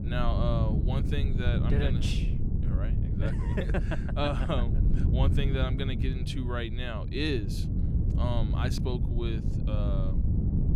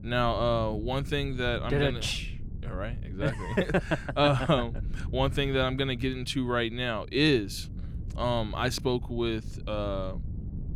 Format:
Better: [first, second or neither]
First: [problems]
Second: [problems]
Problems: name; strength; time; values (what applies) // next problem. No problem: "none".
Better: second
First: wind noise on the microphone; heavy; 6 dB below the speech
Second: wind noise on the microphone; occasional gusts; 20 dB below the speech